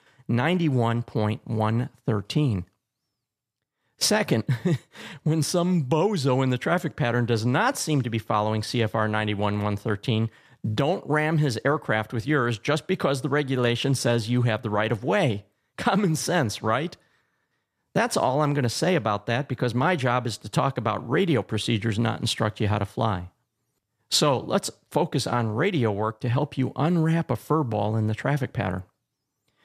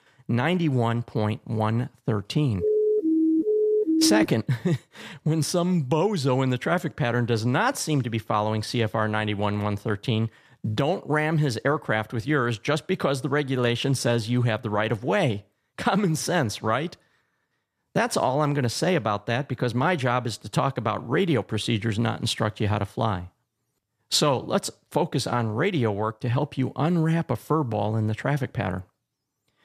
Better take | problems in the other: first | siren; loud; from 2.5 to 4.5 s; peak 3 dB above the speech

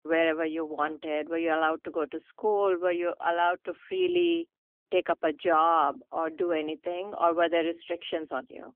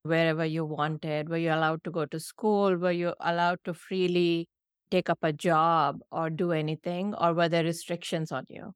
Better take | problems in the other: second | phone-call audio; nothing above 3 kHz

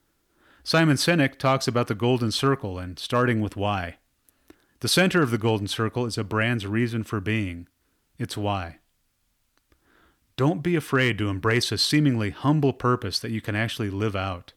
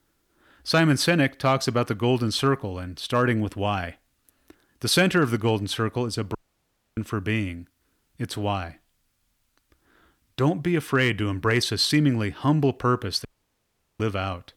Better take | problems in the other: first | audio cutting out; at 6.5 s for 0.5 s and at 13 s for 1 s

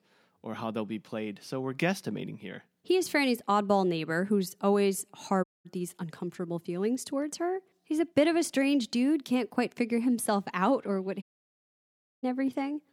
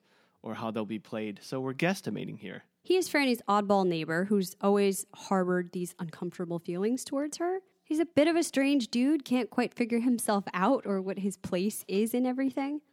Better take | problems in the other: second | audio cutting out; at 5.5 s and at 11 s for 1 s

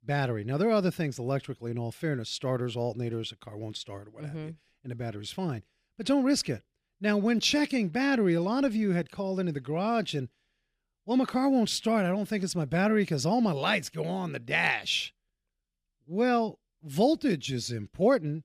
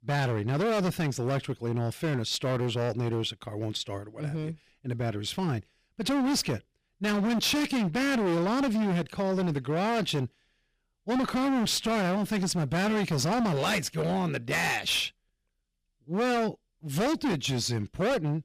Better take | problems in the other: first | distortion; heavy; 24% of the sound clipped

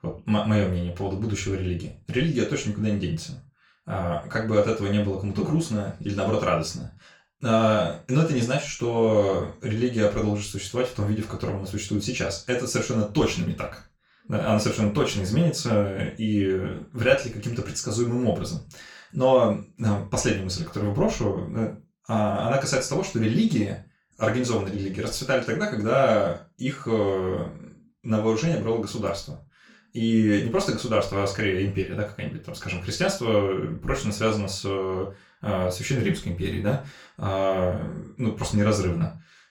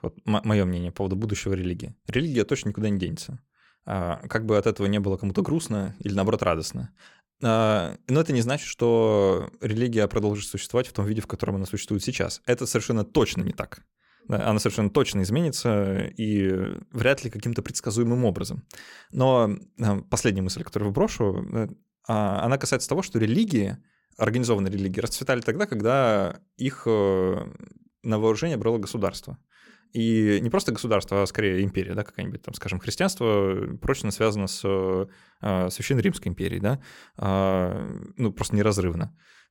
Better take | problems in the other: second | room echo; slight; dies away in 0.3 s // off-mic speech; far

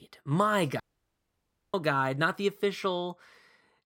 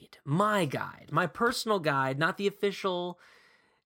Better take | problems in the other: second | audio cutting out; at 1 s for 1 s

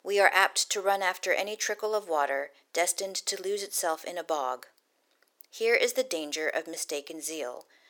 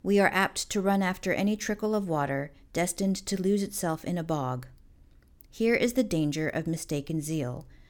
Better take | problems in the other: second | thin; very; fading below 450 Hz

